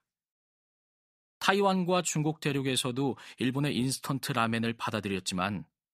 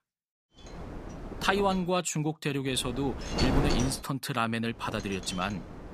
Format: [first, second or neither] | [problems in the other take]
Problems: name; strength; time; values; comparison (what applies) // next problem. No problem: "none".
first | wind noise on the microphone; heavy; from 0.5 to 2 s, from 2.5 to 4 s and from 5 s on; 7 dB below the speech